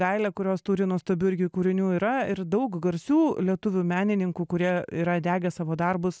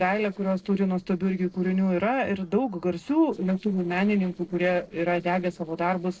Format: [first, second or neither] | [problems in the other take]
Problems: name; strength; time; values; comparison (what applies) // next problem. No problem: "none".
first | noise reduction (neural separator model SepFormer DNS4)